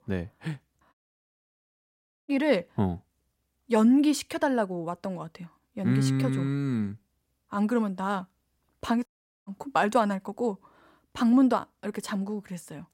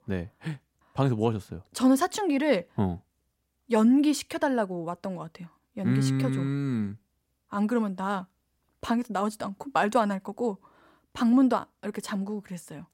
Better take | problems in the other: second | audio cutting out; at 1 s for 1.5 s and at 9 s

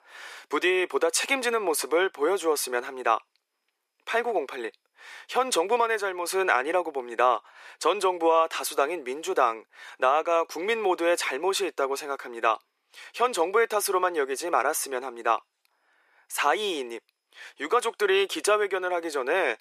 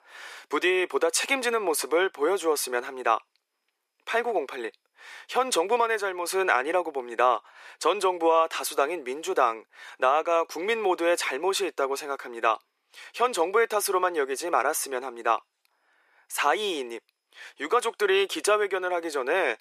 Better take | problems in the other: neither | thin; very; fading below 400 Hz; the same in both

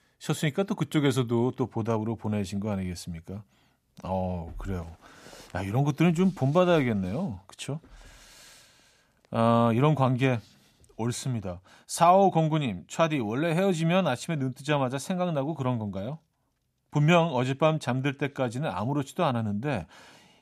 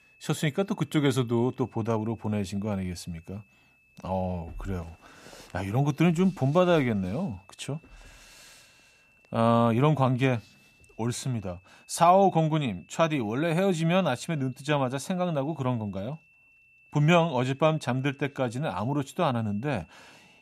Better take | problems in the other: first | high-pitched whine; faint; throughout; 2.5 kHz, 30 dB below the speech

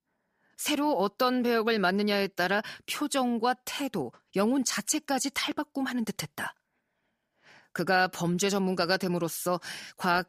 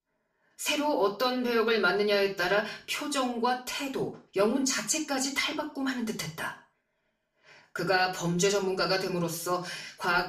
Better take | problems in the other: first | room echo; slight; dies away in 0.3 s // off-mic speech; far

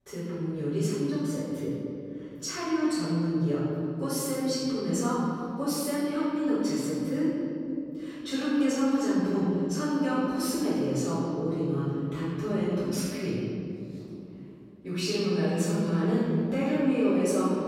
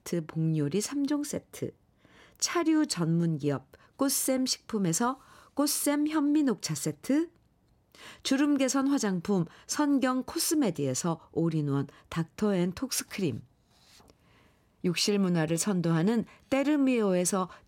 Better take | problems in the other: second | off-mic speech; far // room echo; strong; dies away in 3 s

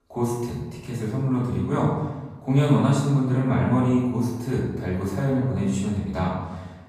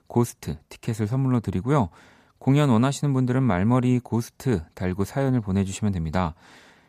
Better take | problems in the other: second | off-mic speech; far // room echo; noticeable; dies away in 0.9 s

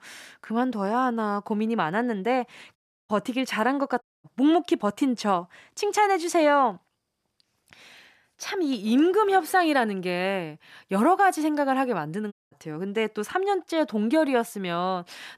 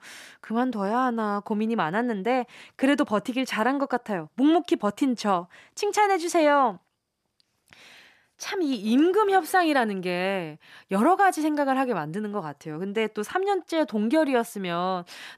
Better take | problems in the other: second | audio cutting out; at 3 s, at 4 s and at 12 s

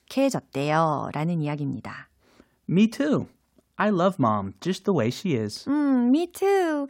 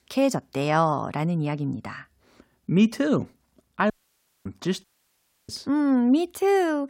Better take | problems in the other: first | audio cutting out; at 4 s for 0.5 s and at 5 s for 0.5 s

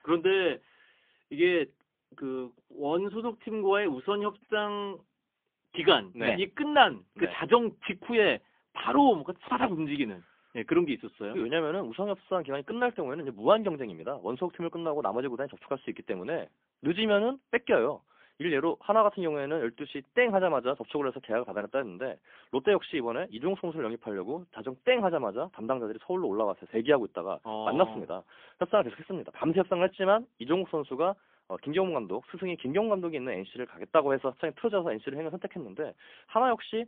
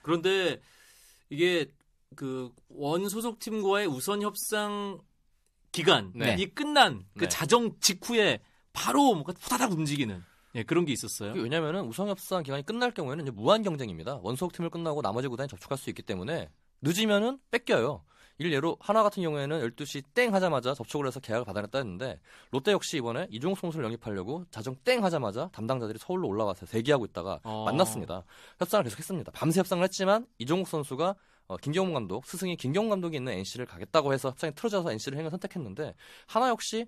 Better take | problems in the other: second | phone-call audio; poor line; nothing above 3.5 kHz

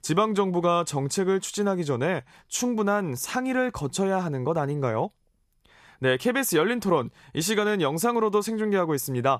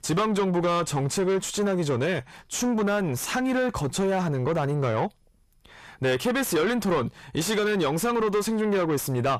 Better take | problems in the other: first | distortion; heavy; 7 dB below the speech

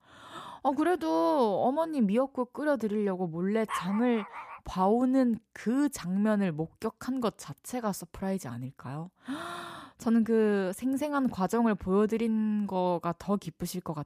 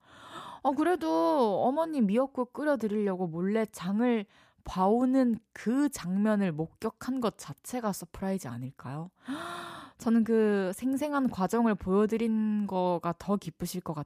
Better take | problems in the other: second | dog barking; noticeable; at 3.5 s; peak 7 dB below the speech

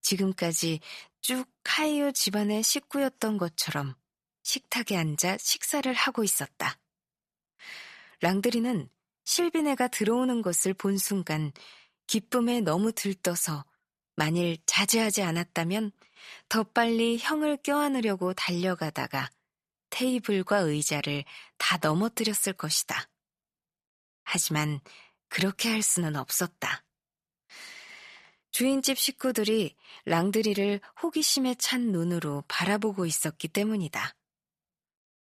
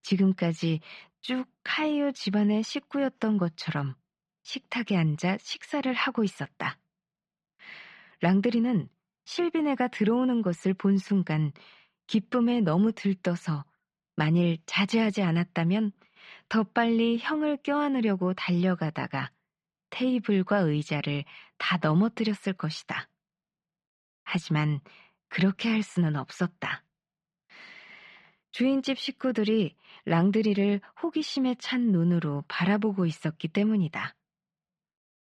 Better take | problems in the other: first | muffled; slightly; fading above 3.5 kHz

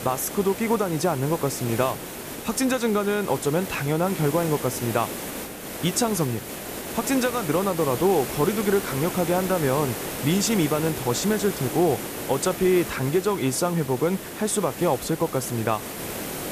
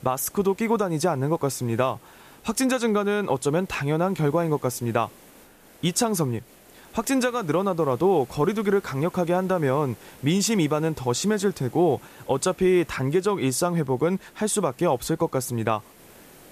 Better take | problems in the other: second | hiss; loud; throughout; 8 dB below the speech; faint in the second

